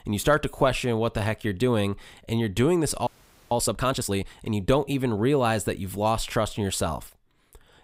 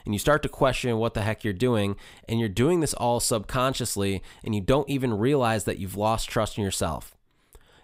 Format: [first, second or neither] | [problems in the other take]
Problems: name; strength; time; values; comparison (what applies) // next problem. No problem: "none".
second | audio freezing; at 3 s